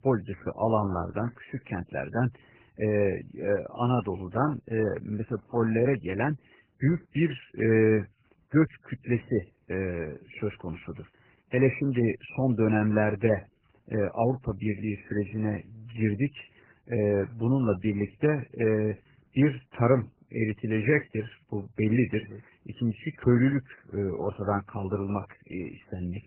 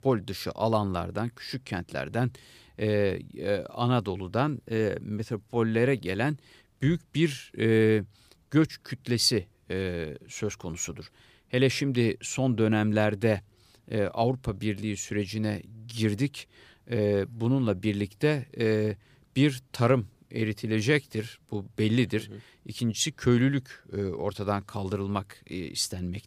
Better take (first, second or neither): second